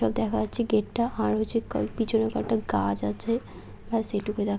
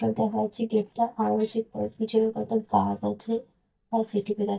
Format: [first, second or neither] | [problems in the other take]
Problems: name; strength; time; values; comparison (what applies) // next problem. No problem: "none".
first | noise reduction (neural mask model DeepFilterNet 3)